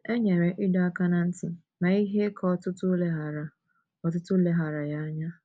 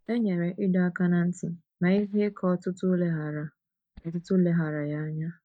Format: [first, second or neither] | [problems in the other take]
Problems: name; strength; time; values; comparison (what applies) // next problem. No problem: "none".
first | noise reduction (neural mask model DeepFilterNet 3)